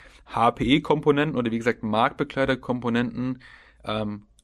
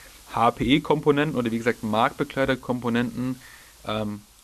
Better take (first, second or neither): first